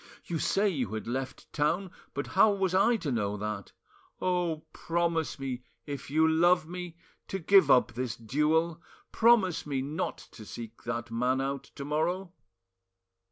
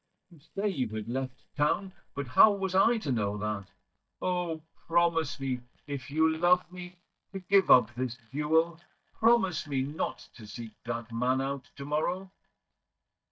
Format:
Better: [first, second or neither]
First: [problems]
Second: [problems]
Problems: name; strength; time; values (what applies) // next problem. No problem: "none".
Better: first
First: none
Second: noise reduction (neural mask model DeepFilterNet 3)